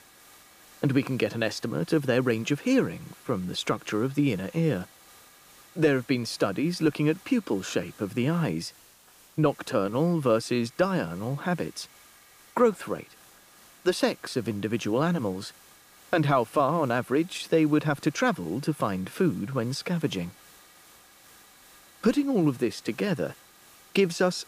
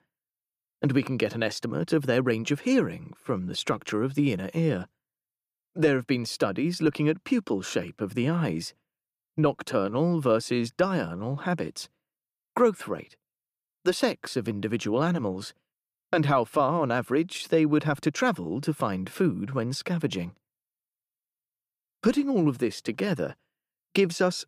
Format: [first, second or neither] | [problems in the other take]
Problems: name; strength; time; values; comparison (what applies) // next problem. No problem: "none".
second | hiss; faint; throughout; 25 dB below the speech